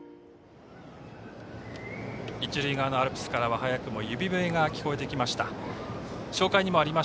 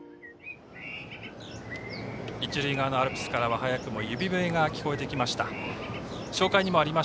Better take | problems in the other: first | background sound (Bird); 16 dB below the speech

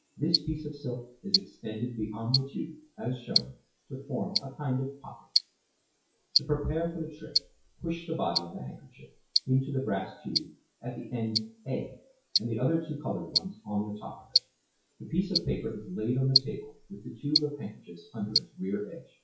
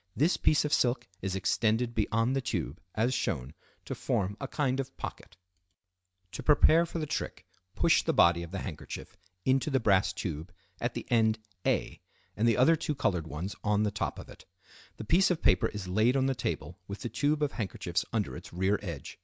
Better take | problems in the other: second | noise reduction (classical method WPE with log-MMSE)

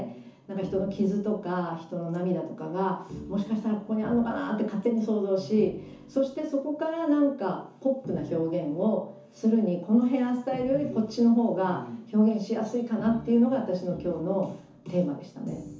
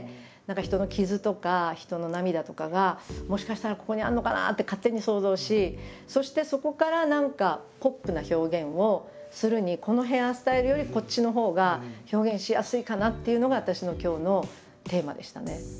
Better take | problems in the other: second | room echo; dies away in 0.9 s

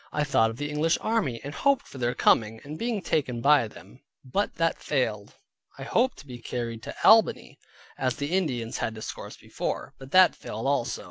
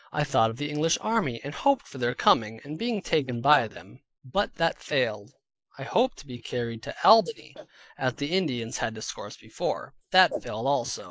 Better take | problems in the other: first | noise reduction (neural mask model Resemble Enhance denoiser)

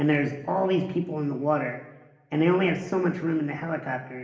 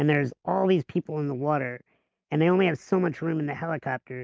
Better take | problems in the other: second | room echo; dies away in 1 s

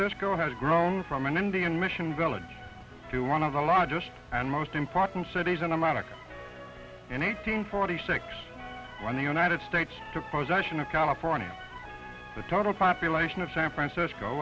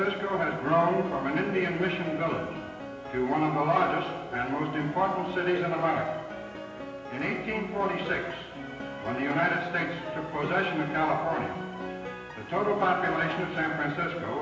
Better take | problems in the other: first | background sound (Piano); 11 dB below the speech // room echo; dies away in 1 s

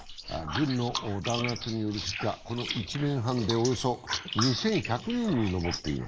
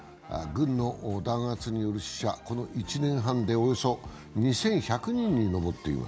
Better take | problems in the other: second | noise reduction (neural mask model Resemble Enhance denoiser)

